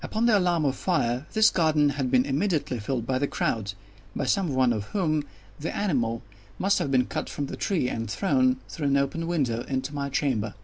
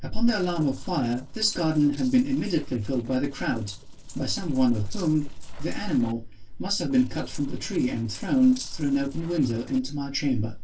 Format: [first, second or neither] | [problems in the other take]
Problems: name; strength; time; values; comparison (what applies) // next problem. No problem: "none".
first | noise reduction (neural separator model SepFormer DNS4)